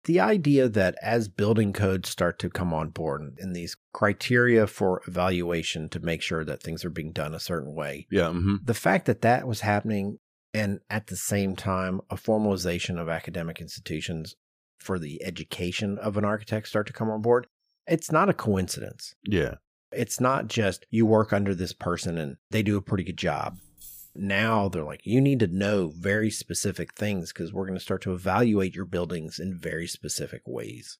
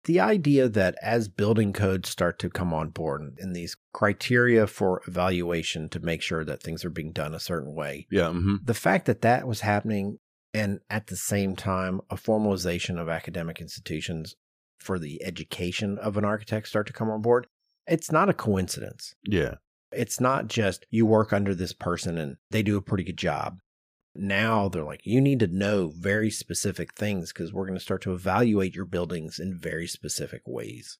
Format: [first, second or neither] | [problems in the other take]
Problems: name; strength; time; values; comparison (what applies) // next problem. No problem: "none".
second | jangling keys; faint; at 23 s; peak 15 dB below the speech